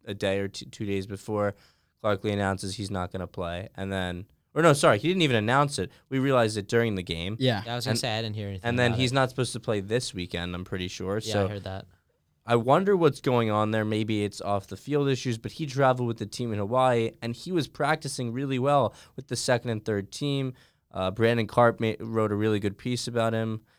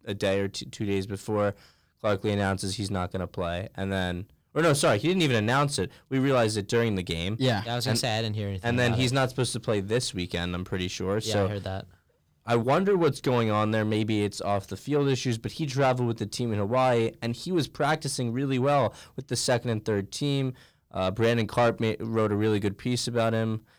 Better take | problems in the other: first | distortion; slight; 10 dB below the speech

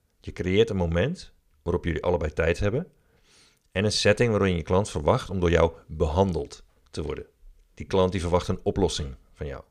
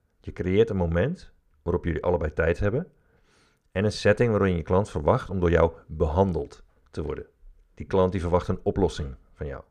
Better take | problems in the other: first | muffled; slightly; fading above 2 kHz

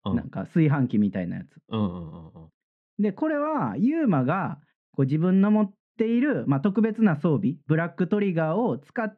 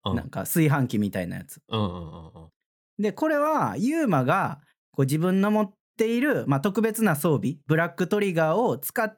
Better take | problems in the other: second | muffled; very; fading above 3 kHz

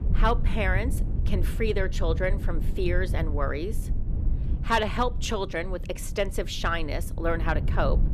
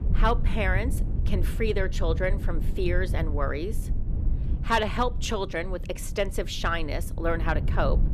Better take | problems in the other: neither | low rumble; noticeable; throughout; 15 dB below the speech; the same in both

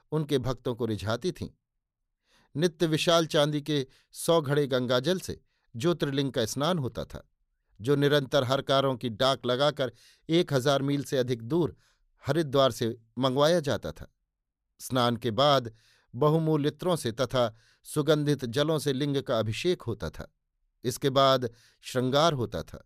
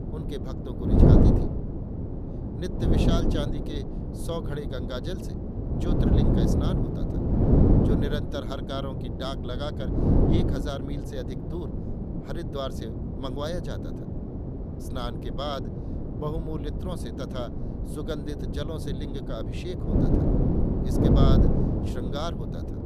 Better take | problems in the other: first | wind noise on the microphone; heavy; 2 dB above the speech

